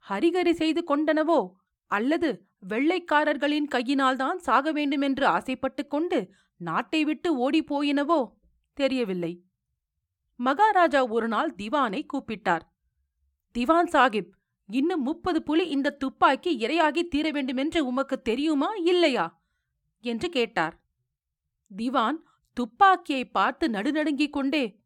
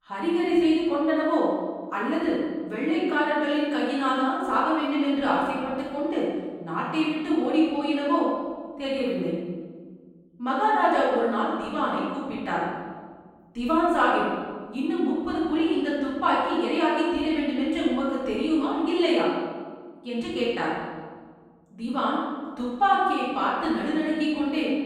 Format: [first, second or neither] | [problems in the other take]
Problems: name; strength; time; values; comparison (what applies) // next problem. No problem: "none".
first | room echo; strong; dies away in 1.5 s // off-mic speech; far